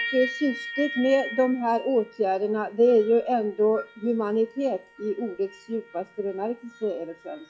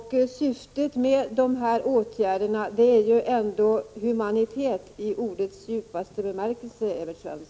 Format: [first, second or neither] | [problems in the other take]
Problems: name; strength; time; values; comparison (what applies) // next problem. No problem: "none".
second | noise reduction (classical method log-MMSE)